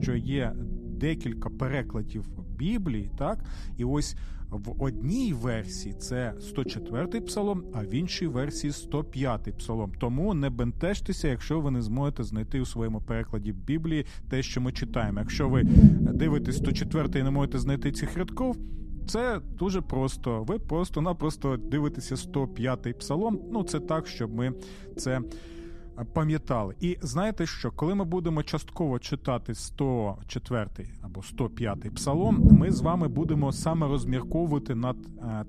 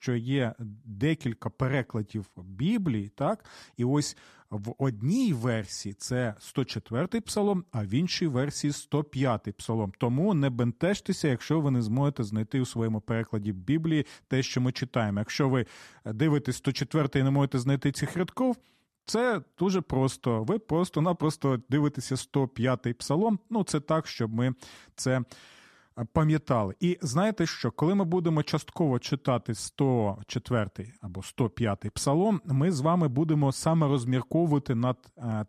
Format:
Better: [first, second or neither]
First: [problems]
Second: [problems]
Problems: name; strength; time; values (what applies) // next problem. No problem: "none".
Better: second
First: low rumble; loud; throughout; 4 dB below the speech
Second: none